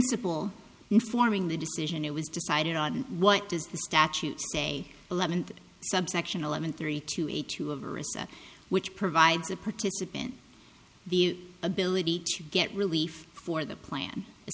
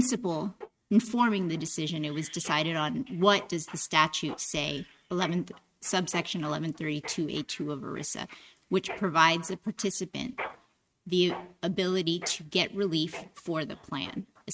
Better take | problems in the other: first | noise reduction (neural mask model RNNoise)

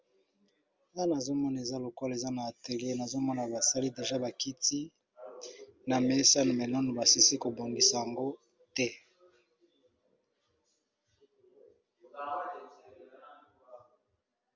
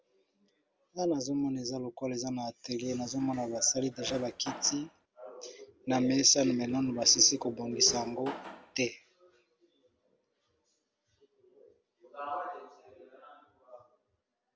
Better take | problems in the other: first | background sound (Drawer open or close); 15 dB below the speech

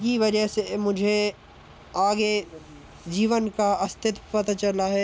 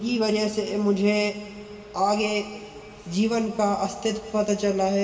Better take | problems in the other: first | room echo; dies away in 2.3 s

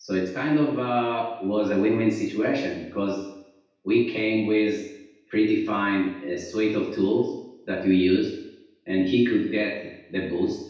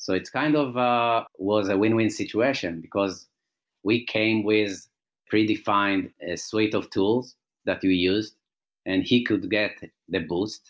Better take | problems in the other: second | room echo; dies away in 0.9 s

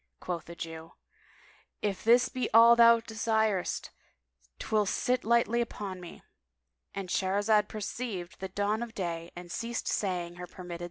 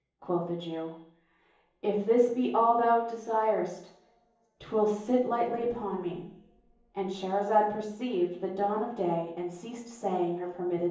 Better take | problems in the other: first | room echo; dies away in 0.7 s

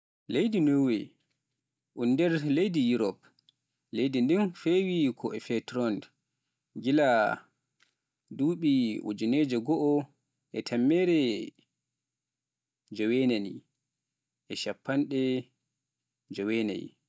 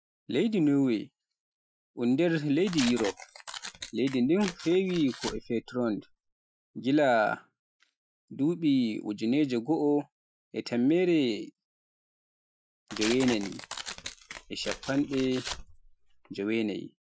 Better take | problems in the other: first | noise reduction (classical method Wiener filter)

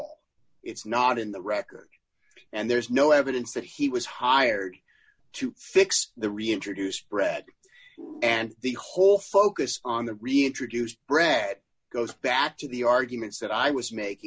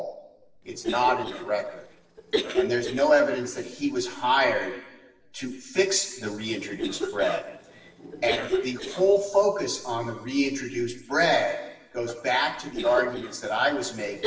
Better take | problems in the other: first | noise reduction (neural separator model SepFormer DNS4)

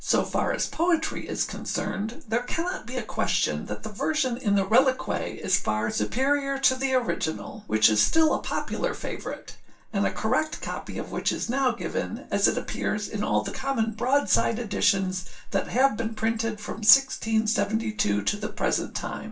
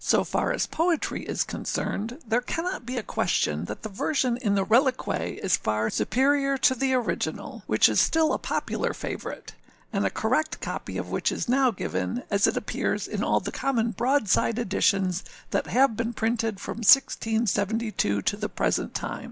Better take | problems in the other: second | room echo; dies away in 0.2 s

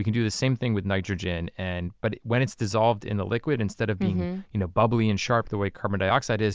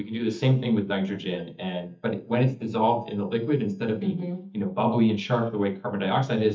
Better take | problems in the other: first | noise reduction (neural mask model DeepFilterNet 3)

